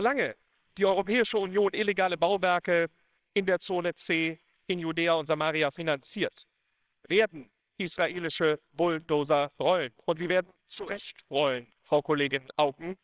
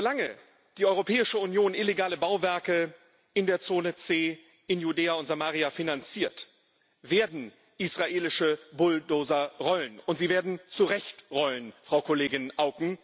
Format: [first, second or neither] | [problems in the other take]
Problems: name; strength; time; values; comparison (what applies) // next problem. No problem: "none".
second | noise reduction (neural separator model SepFormer WHAMR!)